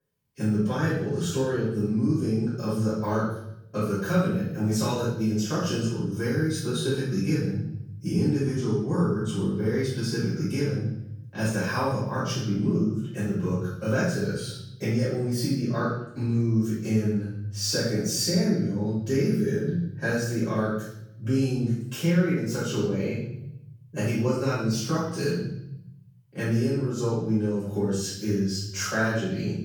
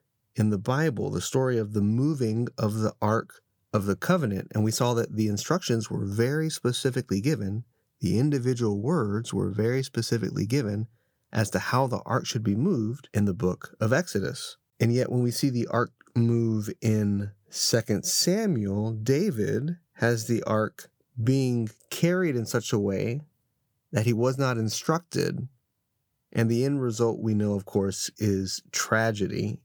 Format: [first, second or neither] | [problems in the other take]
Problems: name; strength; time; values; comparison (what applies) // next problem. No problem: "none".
second | off-mic speech; far // room echo; noticeable; dies away in 0.7 s